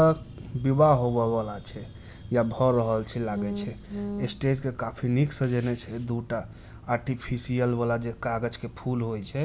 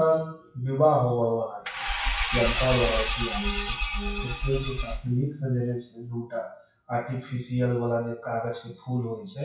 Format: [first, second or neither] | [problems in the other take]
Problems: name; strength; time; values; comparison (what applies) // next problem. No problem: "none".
first | noise reduction (classical method WPE with log-MMSE)